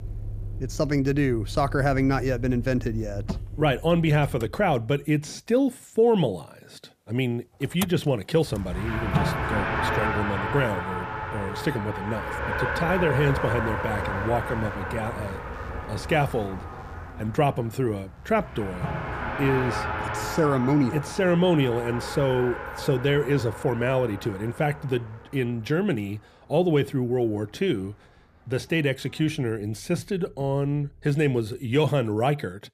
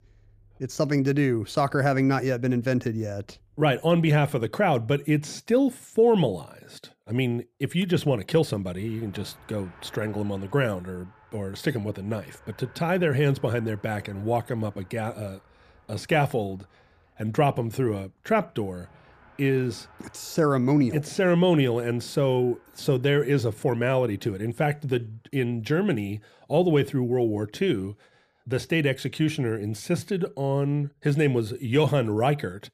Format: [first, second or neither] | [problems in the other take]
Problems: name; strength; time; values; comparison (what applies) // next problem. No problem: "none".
second | traffic noise; loud; throughout; 6 dB below the speech; faint in the second